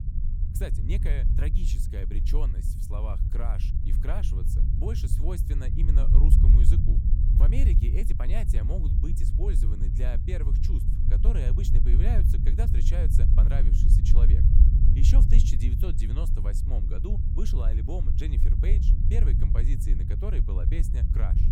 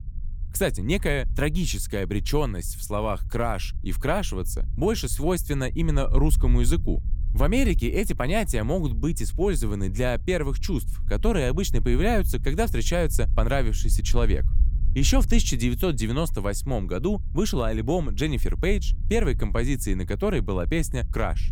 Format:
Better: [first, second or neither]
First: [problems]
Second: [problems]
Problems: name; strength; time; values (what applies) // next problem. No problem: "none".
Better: second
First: low rumble; loud; throughout; 1 dB below the speech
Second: low rumble; faint; throughout; 20 dB below the speech